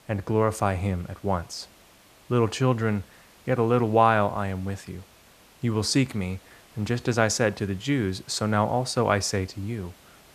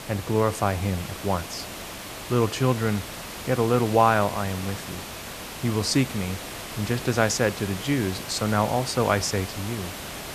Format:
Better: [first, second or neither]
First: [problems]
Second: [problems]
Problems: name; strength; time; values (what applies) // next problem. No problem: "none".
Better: first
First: hiss; faint; throughout; 25 dB below the speech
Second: hiss; loud; throughout; 10 dB below the speech